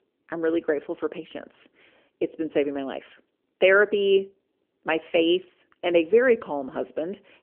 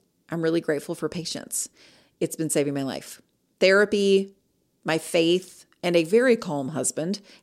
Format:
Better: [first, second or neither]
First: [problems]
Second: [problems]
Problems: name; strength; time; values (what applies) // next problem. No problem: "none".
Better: second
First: phone-call audio; nothing above 3 kHz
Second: none